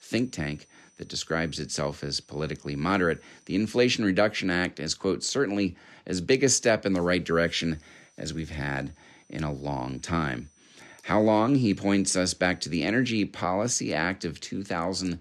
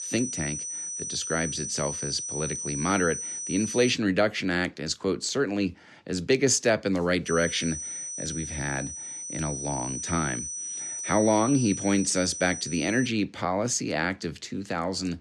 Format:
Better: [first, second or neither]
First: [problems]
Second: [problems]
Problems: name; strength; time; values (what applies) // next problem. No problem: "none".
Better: first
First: high-pitched whine; faint; until 4 s and from 7.5 to 13 s; 6 kHz, 35 dB below the speech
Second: high-pitched whine; loud; until 4 s and from 7.5 to 13 s; 6 kHz, 5 dB below the speech